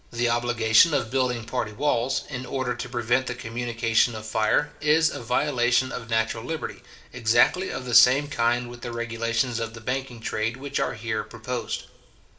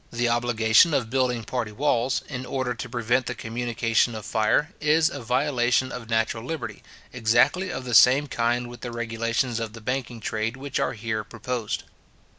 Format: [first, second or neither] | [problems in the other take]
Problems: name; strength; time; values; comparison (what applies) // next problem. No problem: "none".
second | room echo; dies away in 0.7 s